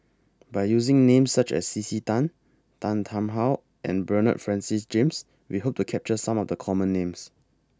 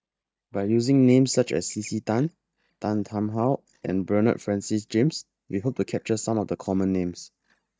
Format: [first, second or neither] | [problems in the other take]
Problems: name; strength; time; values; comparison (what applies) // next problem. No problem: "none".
first | noise reduction (neural mask model DeepFilterNet 3)